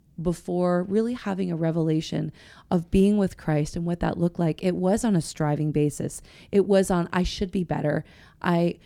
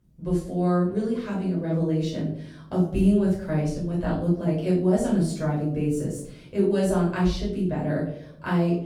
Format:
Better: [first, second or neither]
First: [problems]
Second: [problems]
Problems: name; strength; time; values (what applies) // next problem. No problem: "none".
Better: first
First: none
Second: off-mic speech; far // room echo; noticeable; dies away in 0.5 s